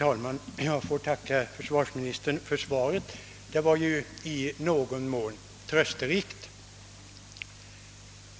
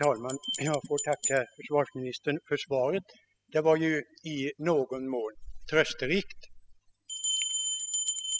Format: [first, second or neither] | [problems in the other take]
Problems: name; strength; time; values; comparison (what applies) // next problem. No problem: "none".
first | noise reduction (classical method spectral subtraction)